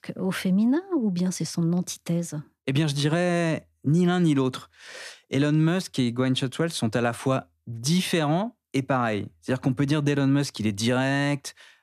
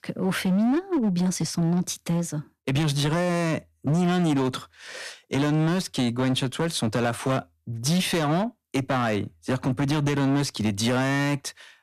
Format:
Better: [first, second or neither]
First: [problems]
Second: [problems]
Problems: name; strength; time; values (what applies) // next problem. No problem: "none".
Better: first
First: none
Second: distortion; slight; 16% of the sound clipped